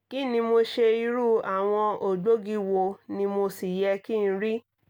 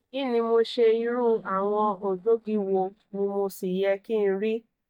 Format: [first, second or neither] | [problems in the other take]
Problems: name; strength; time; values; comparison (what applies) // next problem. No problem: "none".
first | noise reduction (neural mask model DeepFilterNet 3)